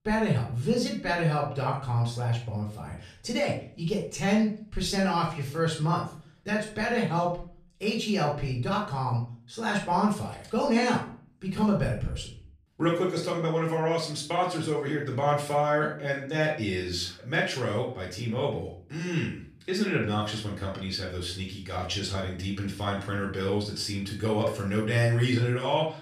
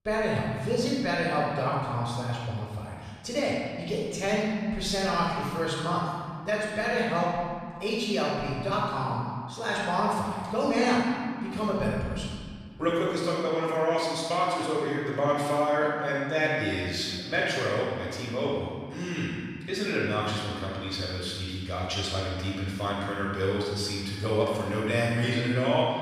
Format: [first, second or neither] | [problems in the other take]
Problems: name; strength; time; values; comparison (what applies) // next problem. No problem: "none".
first | room echo; strong; dies away in 1.8 s; slight in the first // off-mic speech; far; far in the first